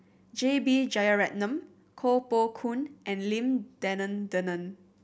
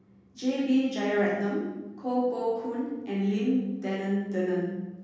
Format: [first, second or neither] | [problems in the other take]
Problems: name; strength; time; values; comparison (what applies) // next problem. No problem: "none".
first | room echo; dies away in 1.3 s